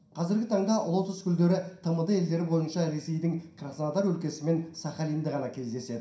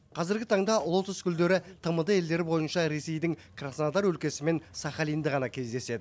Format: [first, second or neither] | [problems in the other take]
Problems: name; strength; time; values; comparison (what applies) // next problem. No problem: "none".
second | room echo; dies away in 0.5 s